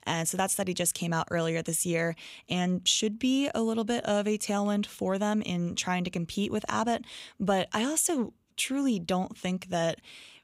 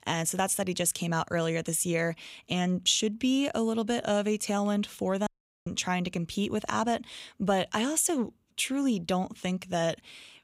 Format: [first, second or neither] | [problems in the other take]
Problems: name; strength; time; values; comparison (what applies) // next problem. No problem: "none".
first | audio cutting out; at 5.5 s